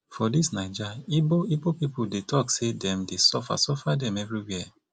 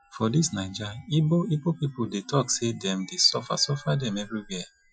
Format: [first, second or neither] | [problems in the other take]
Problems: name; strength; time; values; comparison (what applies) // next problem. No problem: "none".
first | noise reduction (classical method Wiener filter)